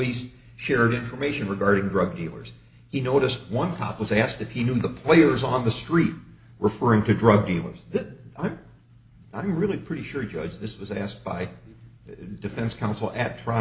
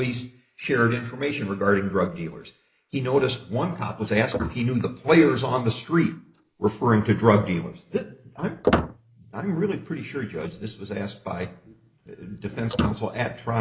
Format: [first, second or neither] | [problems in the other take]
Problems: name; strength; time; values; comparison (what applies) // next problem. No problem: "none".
first | noise reduction (neural mask model Resemble Enhance denoiser)